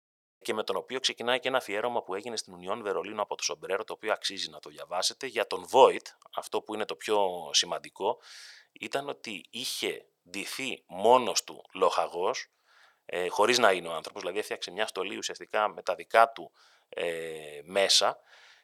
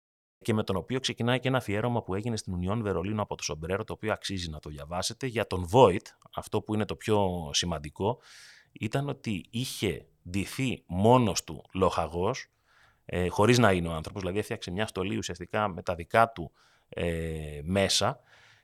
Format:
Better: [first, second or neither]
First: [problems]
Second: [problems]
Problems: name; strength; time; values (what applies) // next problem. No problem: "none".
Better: second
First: thin; very; fading below 500 Hz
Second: none